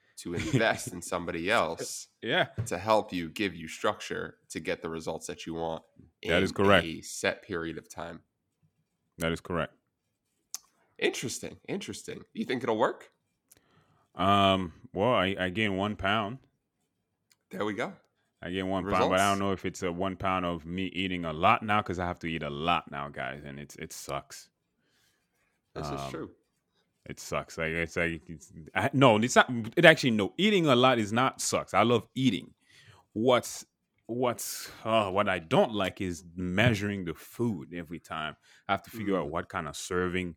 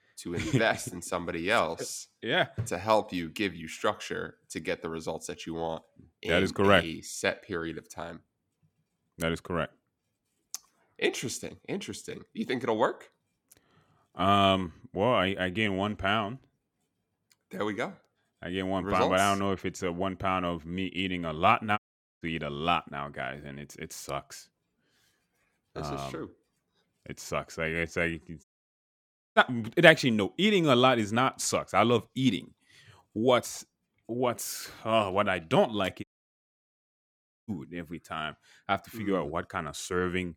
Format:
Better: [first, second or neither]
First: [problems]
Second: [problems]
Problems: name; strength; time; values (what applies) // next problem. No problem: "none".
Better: first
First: none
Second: audio cutting out; at 22 s, at 28 s for 1 s and at 36 s for 1.5 s